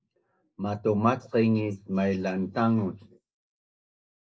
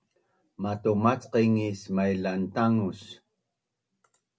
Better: second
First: noise reduction (neural mask model Resemble Enhance denoiser)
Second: none

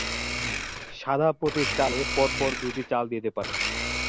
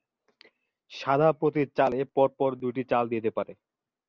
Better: second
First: background sound (Domestic sounds, home sounds); 3 dB below the speech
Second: none

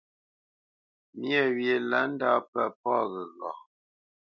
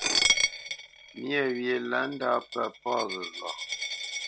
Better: first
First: none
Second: background sound (Coin (dropping)); as loud as the speech

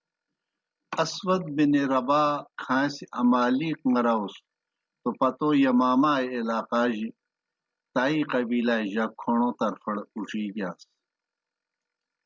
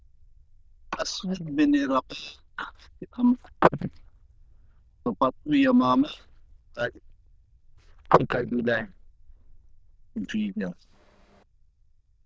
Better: first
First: none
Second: noise reduction (neural diffusion model UNIVERSE++)

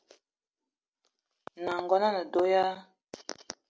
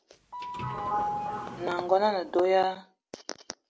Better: first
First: none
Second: background sound (Sliding door / Doorbell); 5 dB below the speech

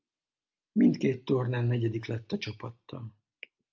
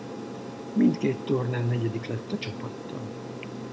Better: first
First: none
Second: background sound (Aircraft); 8 dB below the speech

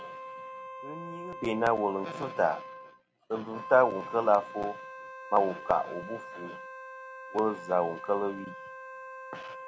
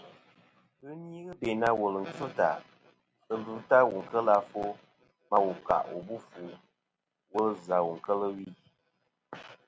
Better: second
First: background sound (Wind instrument, woodwind instrument); 12 dB below the speech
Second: none

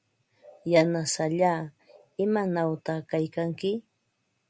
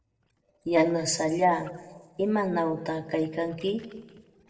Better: first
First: none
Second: noise reduction (neural separator model SepFormer DNS4)

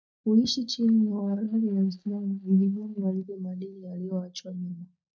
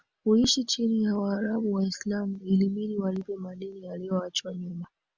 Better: second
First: noise reduction (neural mask model DeepFilterNet 3)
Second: none

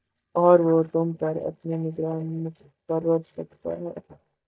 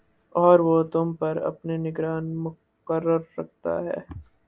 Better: second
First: noise reduction (neural mask model DeepFilterNet 3)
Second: none

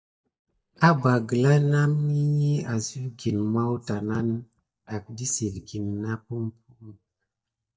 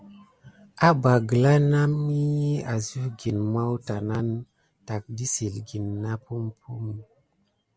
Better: second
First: noise reduction (neural mask model DeepFilterNet 3)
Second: none

